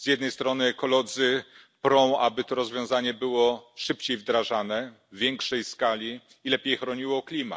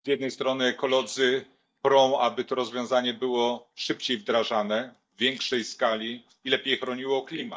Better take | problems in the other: first | noise reduction (neural mask model DeepFilterNet 3)

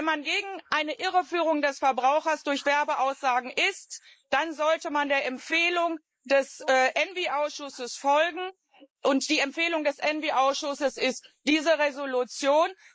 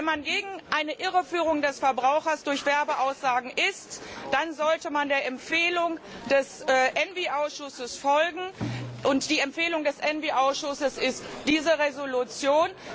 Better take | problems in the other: second | noise reduction (neural mask model Resemble Enhance denoiser)

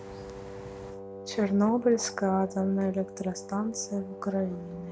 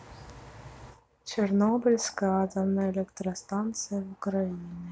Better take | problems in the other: second | background sound (Wind instrument, woodwind instrument); 13 dB below the speech

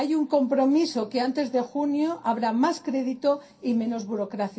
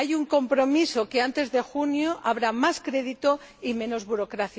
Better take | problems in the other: second | room echo; dies away in 0.3 s

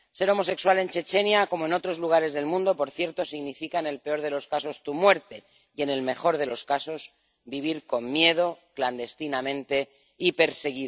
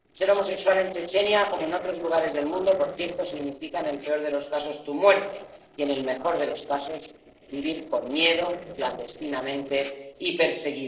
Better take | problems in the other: first | noise reduction (neural separator model SepFormer DNS4)

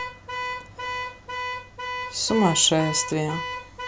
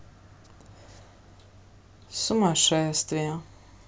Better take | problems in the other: second | background sound (Alarm / Car); 6 dB below the speech

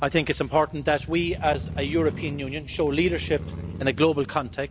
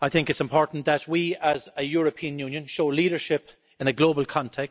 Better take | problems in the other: second | background sound (Motorcycle); 10 dB below the speech

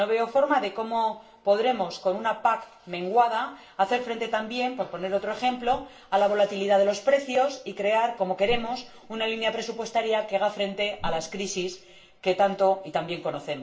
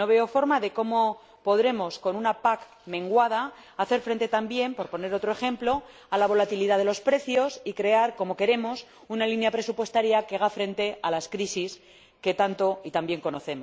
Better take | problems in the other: second | background sound (Whoosh, swoosh, swish); 14 dB below the speech // room echo; dies away in 0.4 s

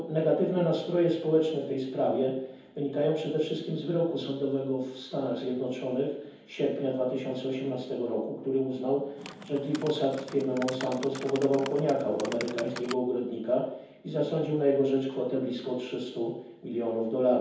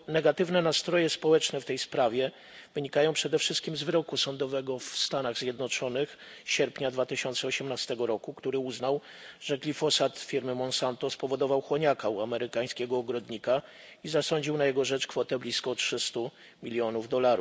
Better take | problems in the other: second | background sound (Typing); 13 dB below the speech // room echo; dies away in 0.9 s

